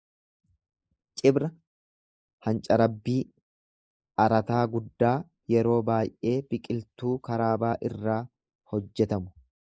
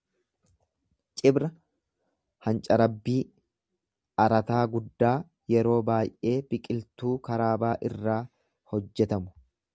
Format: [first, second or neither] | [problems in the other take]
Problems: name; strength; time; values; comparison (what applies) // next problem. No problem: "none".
second | noise reduction (neural mask model Resemble Enhance denoiser)